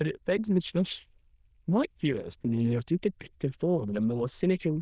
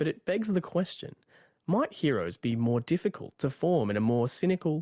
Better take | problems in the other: second | noise reduction (neural diffusion model UNIVERSE++)

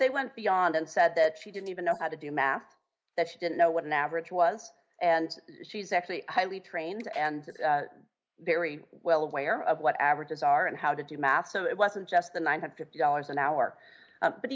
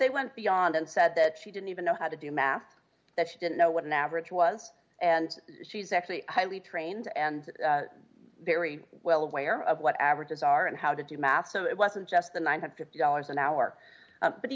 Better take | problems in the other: second | noise reduction (neural mask model Resemble Enhance denoiser)

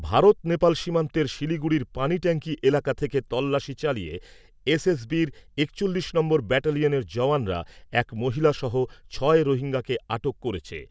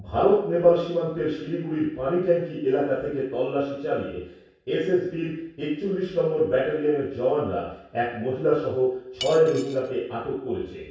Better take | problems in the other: first | background sound (Cutlery, silverware / Dishes, pots, and pans); 13 dB below the speech // room echo; dies away in 0.7 s

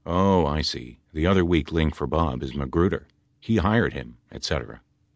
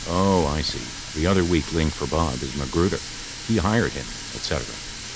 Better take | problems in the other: first | background sound (Water tap, faucet); 10 dB below the speech

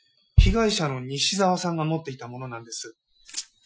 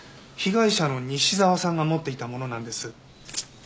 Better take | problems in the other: second | noise reduction (classical method Wiener filter)

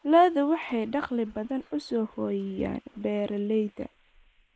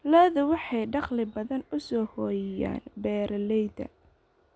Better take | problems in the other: second | noise reduction (neural mask model Resemble Enhance denoiser)

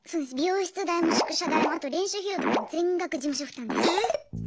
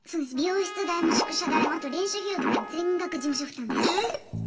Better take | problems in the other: first | background sound (Trumpet); 15 dB below the speech // room echo; dies away in 1.3 s

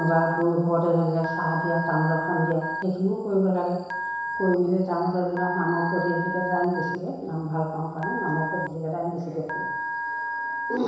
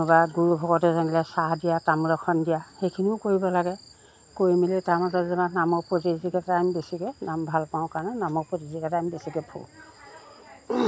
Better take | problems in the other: second | background sound (Telephone); 7 dB below the speech // room echo; dies away in 1 s

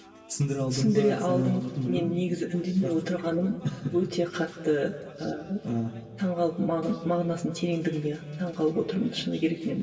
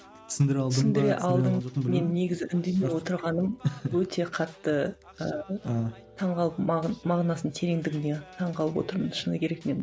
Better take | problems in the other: second | room echo; dies away in 2 s

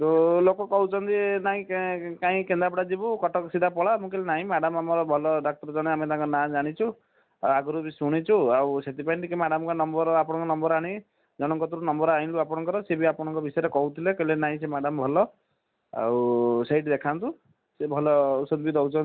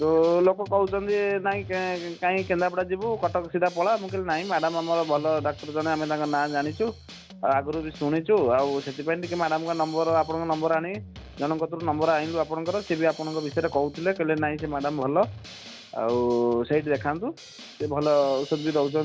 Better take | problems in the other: first | background sound (Drum kit); 17 dB below the speech

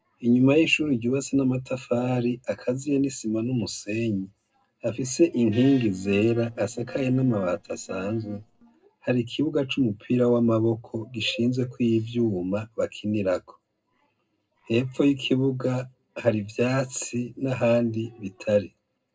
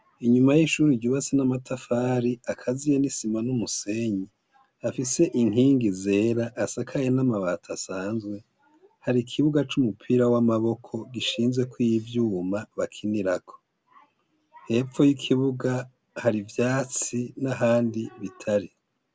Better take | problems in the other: second | noise reduction (neural separator model SepFormer DNS4)

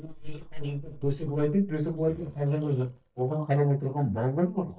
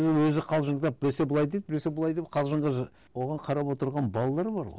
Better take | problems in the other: second | noise reduction (neural mask model DeepFilterNet 3)

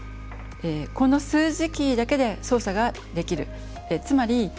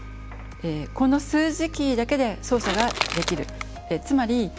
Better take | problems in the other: first | background sound (Crushing / Wood); 5 dB below the speech

